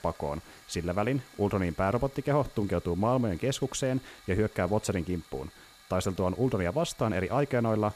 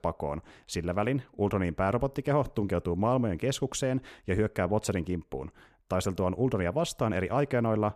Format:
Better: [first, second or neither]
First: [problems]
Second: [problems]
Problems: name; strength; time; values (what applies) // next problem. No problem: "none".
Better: second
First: hiss; faint; throughout; 25 dB below the speech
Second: none